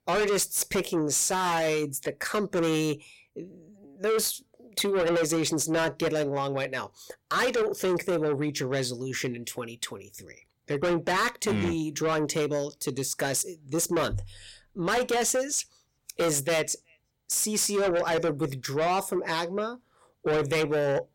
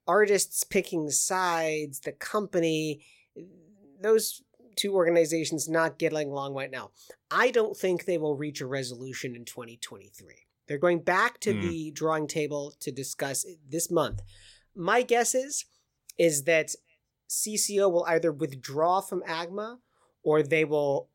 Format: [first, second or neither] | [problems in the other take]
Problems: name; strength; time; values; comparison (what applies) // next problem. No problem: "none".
second | distortion; heavy; 6 dB below the speech